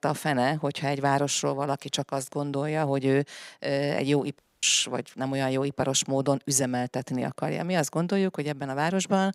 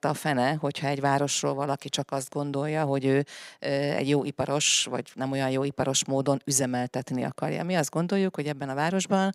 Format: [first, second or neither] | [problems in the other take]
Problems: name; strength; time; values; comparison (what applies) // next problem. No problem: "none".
second | audio cutting out; at 4.5 s